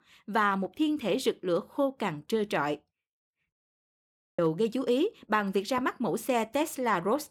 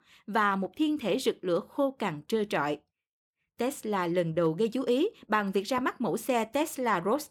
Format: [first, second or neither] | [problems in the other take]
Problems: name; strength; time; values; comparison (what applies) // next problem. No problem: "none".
second | audio cutting out; at 3.5 s for 1 s